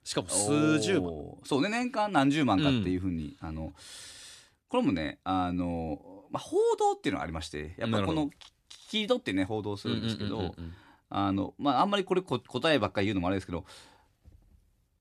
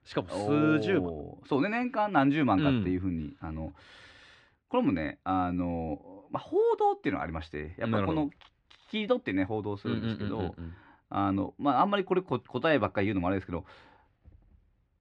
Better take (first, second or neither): first